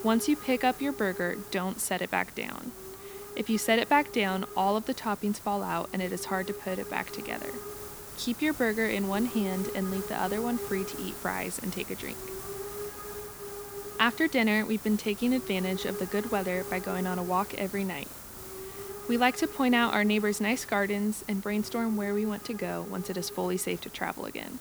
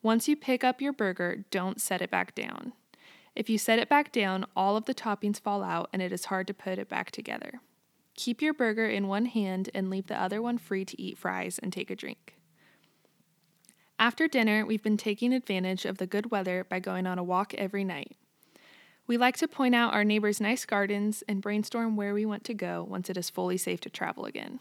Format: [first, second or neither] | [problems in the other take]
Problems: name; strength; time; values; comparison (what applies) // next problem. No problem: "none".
second | hiss; noticeable; throughout; 10 dB below the speech